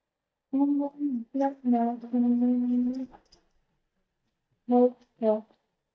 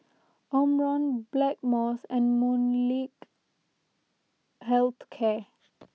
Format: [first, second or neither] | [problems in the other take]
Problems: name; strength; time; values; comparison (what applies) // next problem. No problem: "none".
second | noise reduction (neural mask model DeepFilterNet 3)